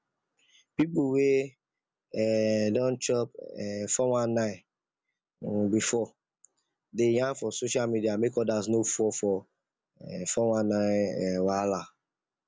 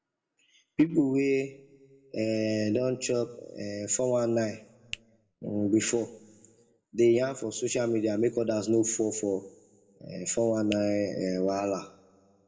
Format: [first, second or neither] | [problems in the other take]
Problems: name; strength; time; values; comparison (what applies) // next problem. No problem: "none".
first | background sound (Finger snapping); 17 dB below the speech // room echo; dies away in 0.8 s